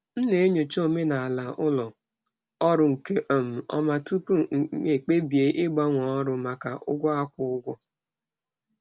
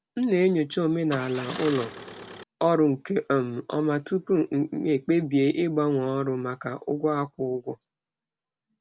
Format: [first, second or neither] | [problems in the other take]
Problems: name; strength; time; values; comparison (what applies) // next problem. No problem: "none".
first | background sound (Engine starting); 13 dB below the speech